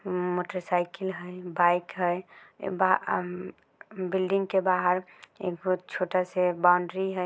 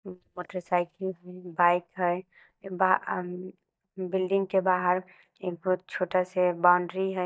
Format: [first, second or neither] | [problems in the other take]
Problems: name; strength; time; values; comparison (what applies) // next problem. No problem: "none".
first | noise reduction (neural mask model DeepFilterNet 3)